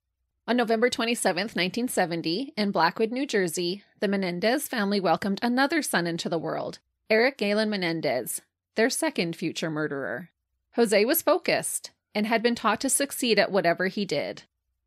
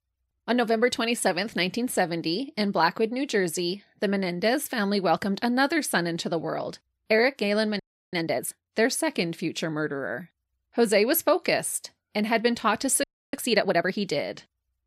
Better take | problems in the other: first | audio freezing; at 8 s and at 13 s

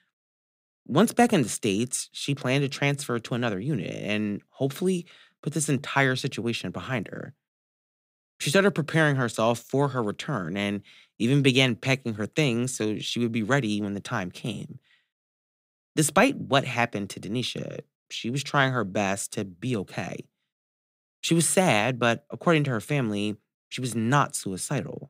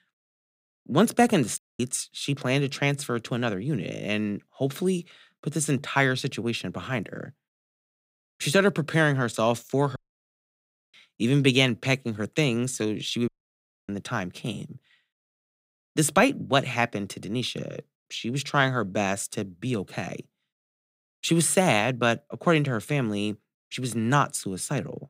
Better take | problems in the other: first | audio cutting out; at 1.5 s, at 10 s for 1 s and at 13 s for 0.5 s

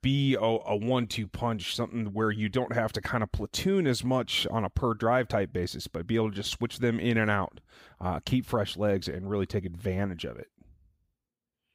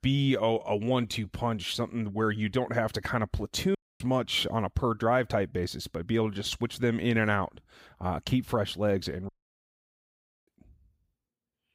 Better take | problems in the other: first | audio cutting out; at 4 s and at 9.5 s for 1 s

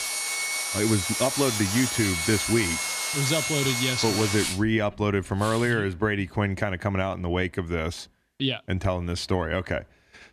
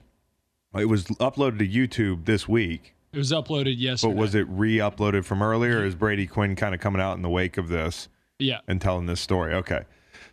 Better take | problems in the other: second | machinery noise; loud; until 5.5 s; as loud as the speech

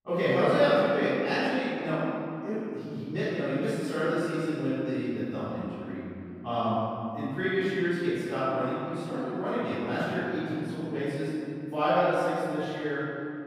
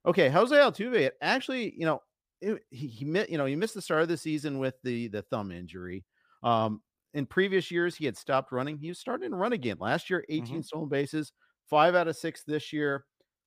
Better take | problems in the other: second | off-mic speech; far // room echo; strong; dies away in 2.8 s

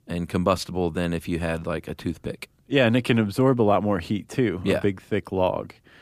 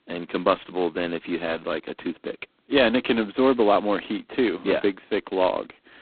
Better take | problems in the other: first | phone-call audio; poor line; nothing above 4 kHz

